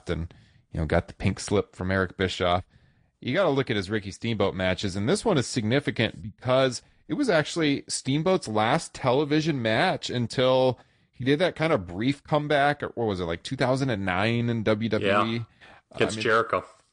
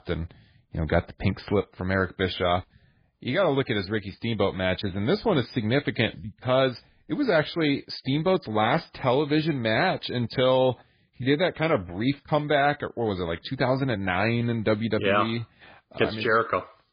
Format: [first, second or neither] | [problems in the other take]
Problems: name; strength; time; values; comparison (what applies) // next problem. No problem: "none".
first | garbled, watery; badly; nothing above 4 kHz; slightly in the first